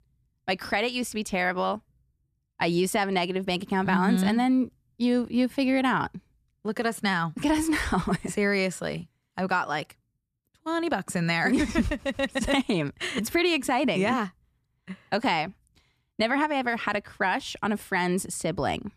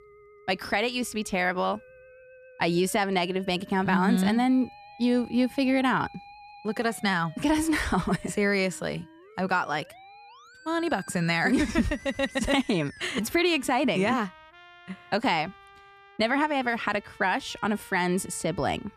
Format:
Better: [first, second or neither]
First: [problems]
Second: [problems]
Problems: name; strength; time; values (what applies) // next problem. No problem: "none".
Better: first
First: none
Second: background music; faint; throughout; 25 dB below the speech